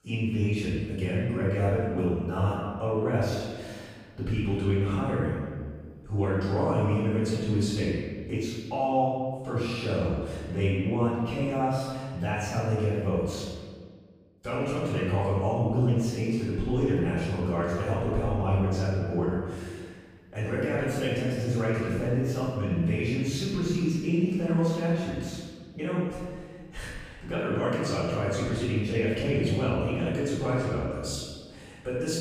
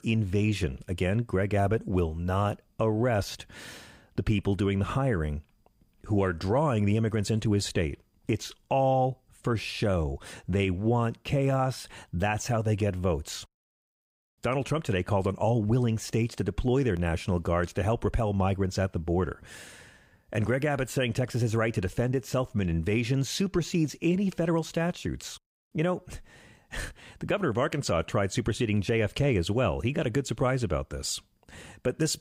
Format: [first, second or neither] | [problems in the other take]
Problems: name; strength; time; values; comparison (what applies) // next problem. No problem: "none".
second | room echo; strong; dies away in 1.5 s // off-mic speech; far